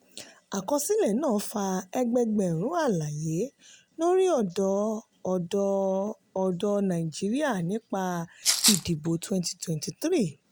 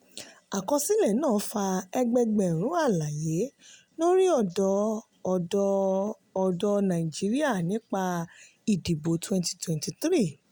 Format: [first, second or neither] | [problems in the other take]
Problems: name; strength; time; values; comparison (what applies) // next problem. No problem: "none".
second | background sound (Rattle (instrument)); 3 dB above the speech